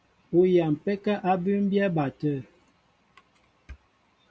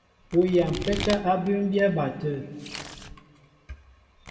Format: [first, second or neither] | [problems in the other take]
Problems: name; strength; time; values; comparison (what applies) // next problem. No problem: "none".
first | background sound (Domestic sounds, home sounds); 13 dB below the speech // room echo; dies away in 1.8 s